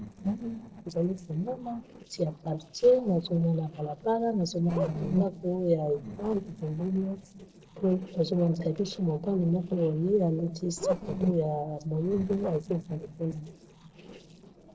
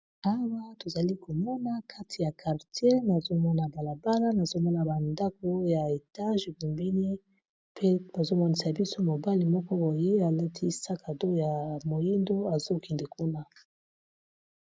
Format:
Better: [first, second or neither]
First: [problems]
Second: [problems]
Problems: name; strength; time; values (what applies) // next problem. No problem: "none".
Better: second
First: noise reduction (neural separator model SepFormer DNS4)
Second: none